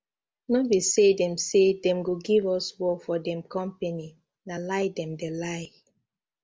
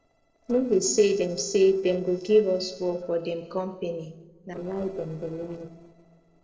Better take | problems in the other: first | noise reduction (neural separator model SepFormer DNS4)

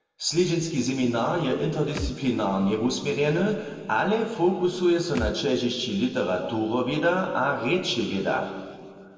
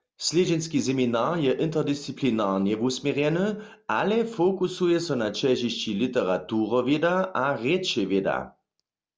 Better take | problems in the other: second | background sound (Thump, thud); 12 dB below the speech // room echo; dies away in 2 s

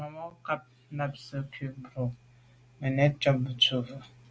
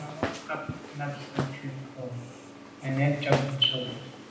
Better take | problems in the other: first | background sound (Walk, footsteps); 5 dB below the speech // room echo; dies away in 0.9 s

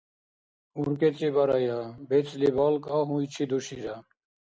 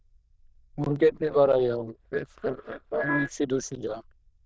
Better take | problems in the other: first | noise reduction (neural diffusion model UNIVERSE++)

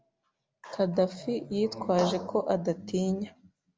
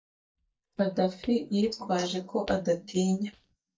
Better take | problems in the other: first | noise reduction (neural mask model DeepFilterNet 3)

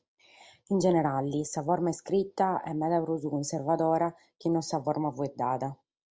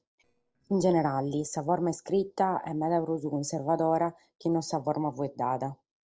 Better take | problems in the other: first | noise reduction (neural separator model SepFormer DNS4)

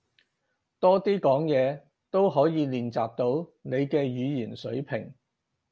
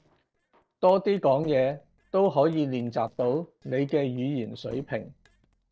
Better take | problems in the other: first | noise reduction (neural separator model SepFormer DNS4)

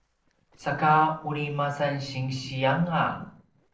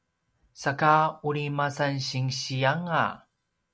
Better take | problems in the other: second | noise reduction (neural separator model SepFormer DNS4)

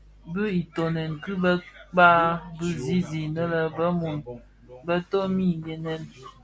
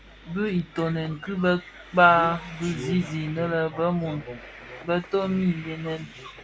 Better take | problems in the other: first | background sound (Train); 20 dB below the speech

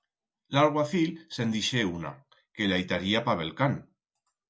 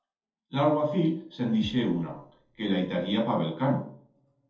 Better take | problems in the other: first | noise reduction (neural separator model SepFormer DNS4)

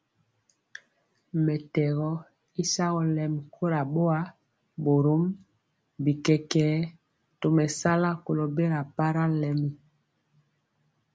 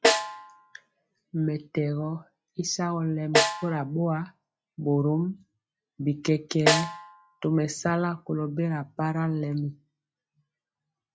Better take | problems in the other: first | noise reduction (classical method log-MMSE)

